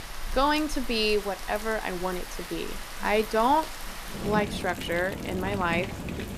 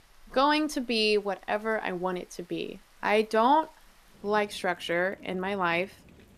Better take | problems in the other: second | rain or running water; loud; throughout; 8 dB below the speech; faint in the second

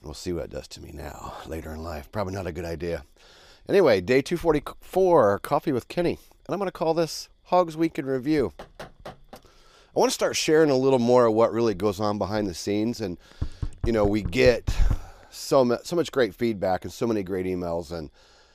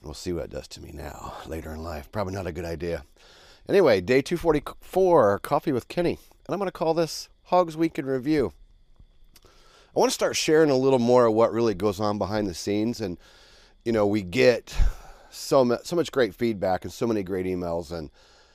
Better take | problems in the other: second | door banging; faint; at 8.5 s; peak 20 dB below the speech // door banging; noticeable; from 13 to 15 s; peak 7 dB below the speech

